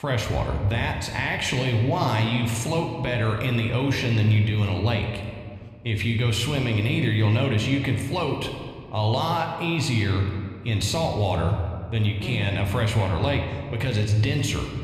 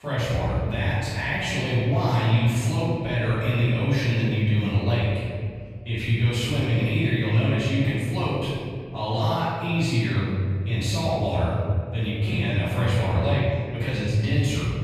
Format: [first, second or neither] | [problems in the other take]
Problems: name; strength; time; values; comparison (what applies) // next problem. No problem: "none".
first | room echo; strong; dies away in 2.1 s; slight in the first // off-mic speech; far